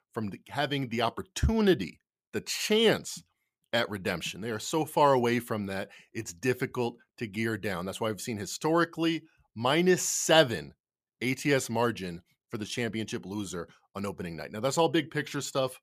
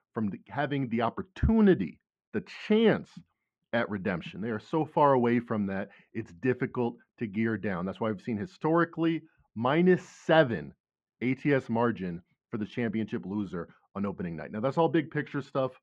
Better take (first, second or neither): first